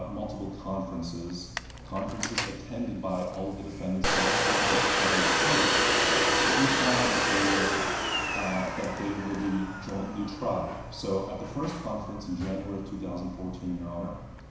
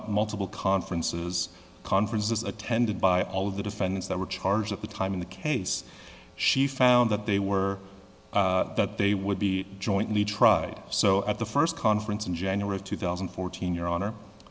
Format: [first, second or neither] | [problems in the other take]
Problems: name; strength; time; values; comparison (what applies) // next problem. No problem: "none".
second | background sound (Domestic sounds, home sounds); 4 dB above the speech // room echo; dies away in 1 s